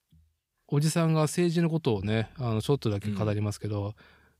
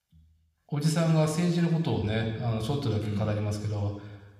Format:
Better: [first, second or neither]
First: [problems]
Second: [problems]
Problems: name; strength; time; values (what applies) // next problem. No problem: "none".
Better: first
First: none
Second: room echo; slight; dies away in 1.1 s